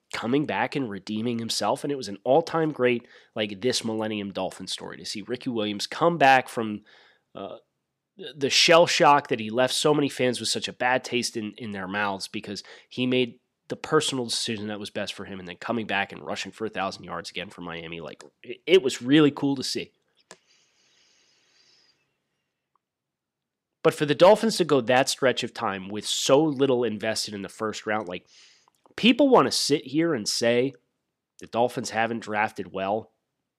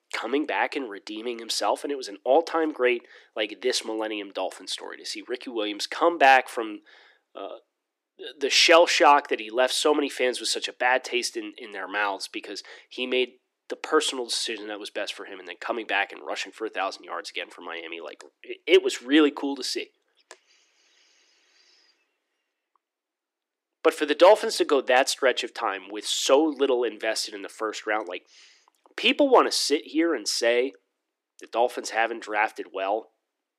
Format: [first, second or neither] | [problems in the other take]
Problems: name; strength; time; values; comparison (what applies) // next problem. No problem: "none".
first | thin; somewhat; fading below 300 Hz